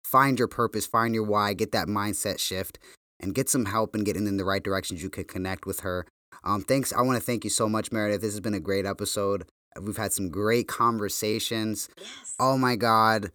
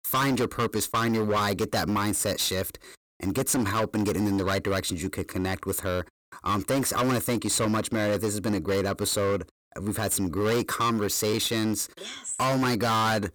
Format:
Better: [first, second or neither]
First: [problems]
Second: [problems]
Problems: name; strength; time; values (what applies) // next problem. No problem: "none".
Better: first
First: none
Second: distortion; heavy; 19% of the sound clipped